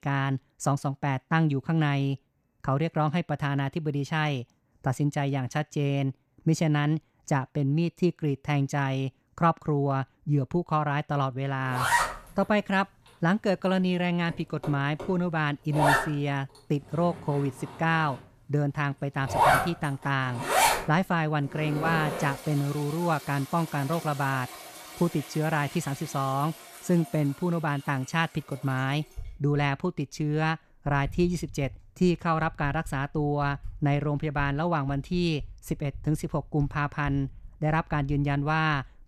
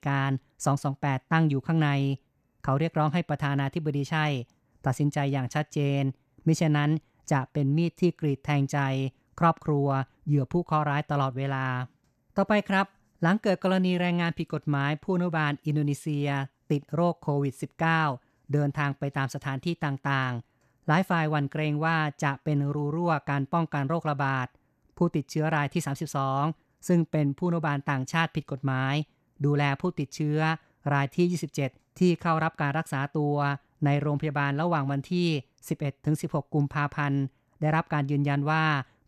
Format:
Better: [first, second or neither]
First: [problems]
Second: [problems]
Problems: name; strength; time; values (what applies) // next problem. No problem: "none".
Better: second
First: household noises; loud; from 12 s on; 3 dB below the speech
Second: none